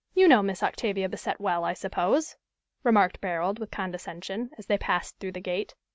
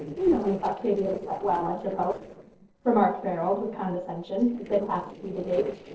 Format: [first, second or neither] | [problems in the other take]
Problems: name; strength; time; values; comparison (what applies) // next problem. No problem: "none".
first | noise reduction (neural separator model SepFormer DNS4)